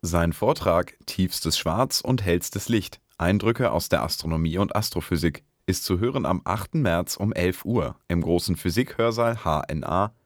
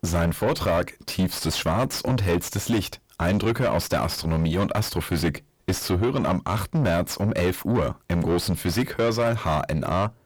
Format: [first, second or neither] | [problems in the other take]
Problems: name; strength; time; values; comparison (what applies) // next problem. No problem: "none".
first | distortion; heavy; 6 dB below the speech